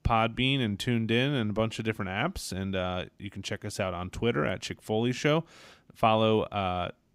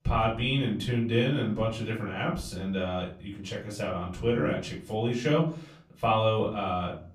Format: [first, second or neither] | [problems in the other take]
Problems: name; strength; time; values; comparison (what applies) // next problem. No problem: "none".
first | off-mic speech; far // room echo; slight; dies away in 0.4 s